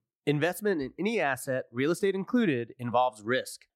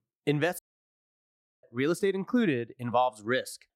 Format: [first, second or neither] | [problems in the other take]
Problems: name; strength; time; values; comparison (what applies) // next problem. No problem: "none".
first | audio cutting out; at 0.5 s for 1 s